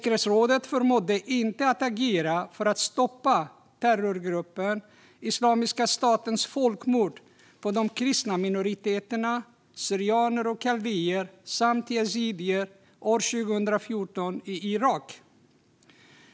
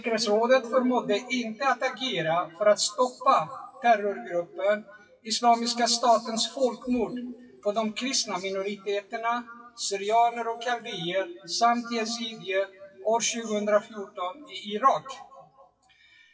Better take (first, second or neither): first